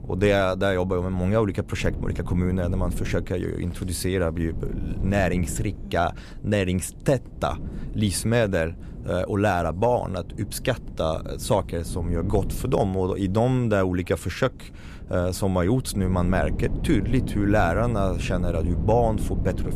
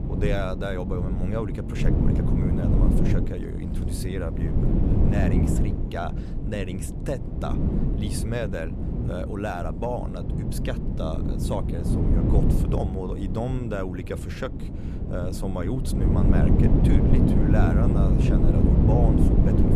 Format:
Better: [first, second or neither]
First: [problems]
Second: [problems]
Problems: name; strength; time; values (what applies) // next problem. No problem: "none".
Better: first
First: wind noise on the microphone; occasional gusts; 15 dB below the speech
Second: wind noise on the microphone; heavy; as loud as the speech